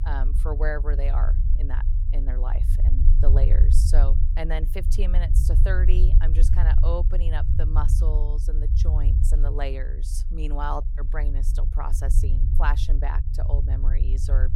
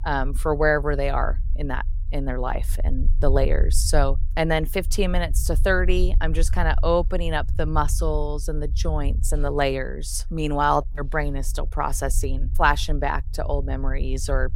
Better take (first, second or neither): second